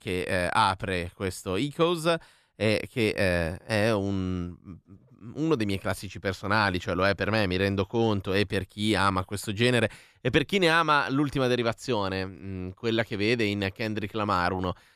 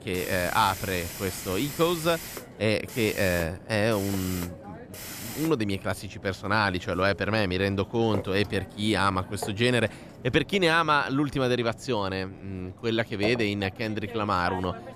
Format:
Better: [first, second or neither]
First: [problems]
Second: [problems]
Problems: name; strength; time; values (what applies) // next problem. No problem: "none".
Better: first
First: none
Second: hiss; noticeable; throughout; 15 dB below the speech